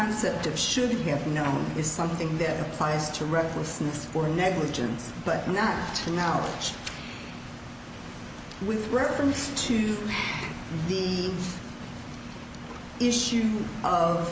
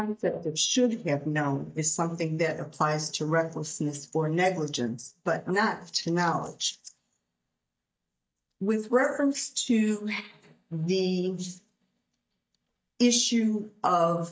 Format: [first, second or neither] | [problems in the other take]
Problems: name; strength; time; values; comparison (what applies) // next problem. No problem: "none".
first | noise reduction (neural mask model DeepFilterNet 3)